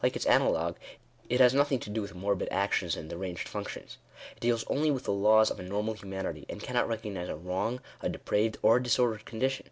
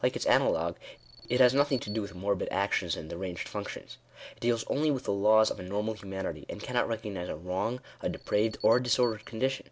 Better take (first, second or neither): first